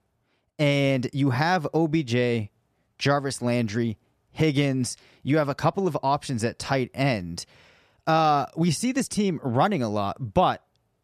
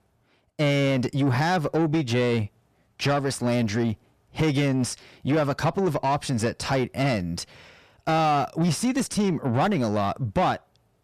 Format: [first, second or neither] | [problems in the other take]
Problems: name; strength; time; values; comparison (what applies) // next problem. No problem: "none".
first | distortion; slight; 10 dB below the speech